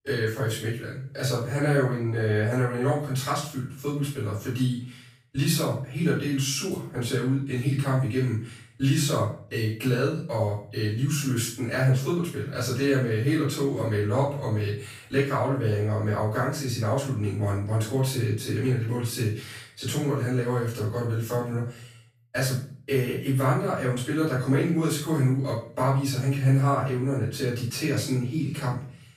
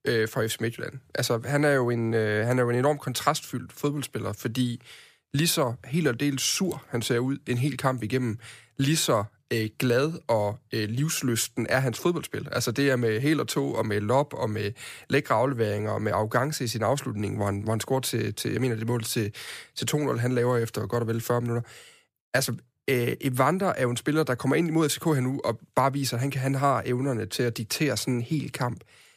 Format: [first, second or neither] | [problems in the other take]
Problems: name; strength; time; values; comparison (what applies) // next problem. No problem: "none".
second | off-mic speech; far // room echo; noticeable; dies away in 0.5 s